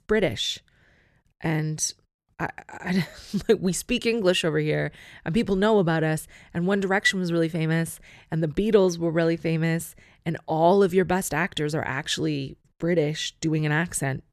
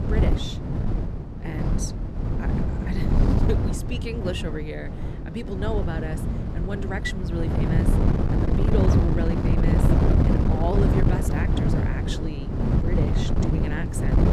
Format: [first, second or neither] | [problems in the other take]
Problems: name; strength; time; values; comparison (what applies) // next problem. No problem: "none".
first | wind noise on the microphone; heavy; 2 dB above the speech